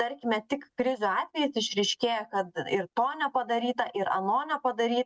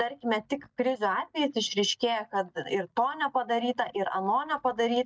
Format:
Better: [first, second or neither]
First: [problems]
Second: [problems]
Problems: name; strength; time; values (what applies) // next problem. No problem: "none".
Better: first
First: none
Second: noise reduction (neural mask model DeepFilterNet 3)